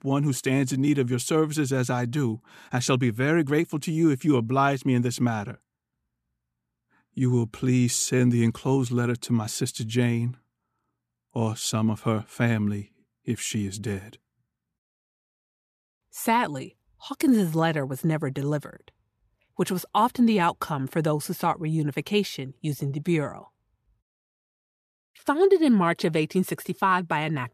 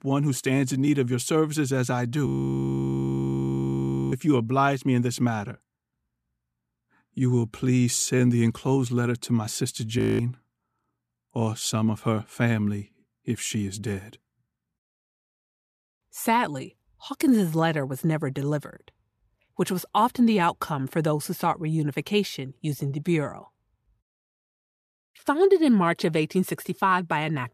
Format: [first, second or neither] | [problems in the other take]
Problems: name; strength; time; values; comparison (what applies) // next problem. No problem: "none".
first | audio freezing; at 2.5 s for 2 s and at 10 s